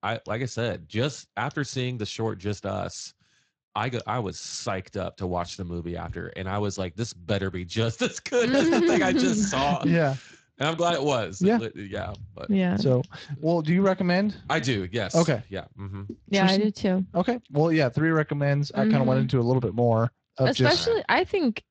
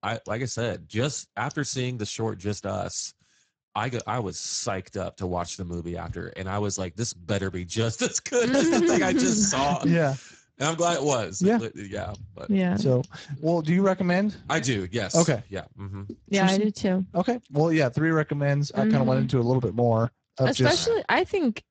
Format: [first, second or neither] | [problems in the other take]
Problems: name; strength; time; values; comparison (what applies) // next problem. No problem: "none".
first | garbled, watery; badly; nothing above 7.5 kHz; slightly in the first